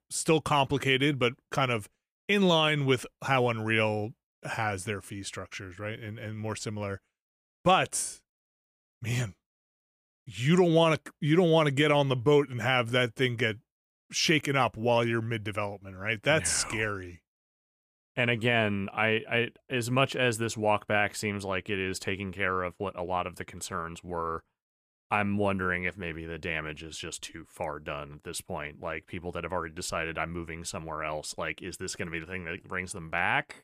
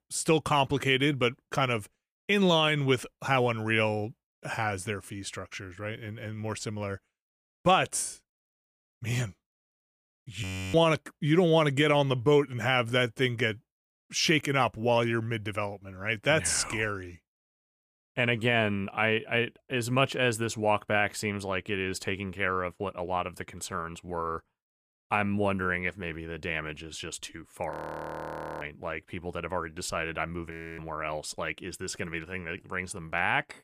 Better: first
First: none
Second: audio freezing; at 10 s, at 28 s for 1 s and at 31 s

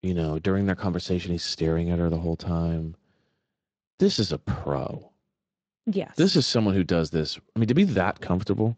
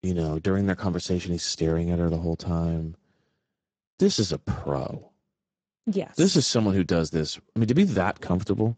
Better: first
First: garbled, watery; slightly; nothing above 7.5 kHz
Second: garbled, watery; badly; nothing above 7.5 kHz

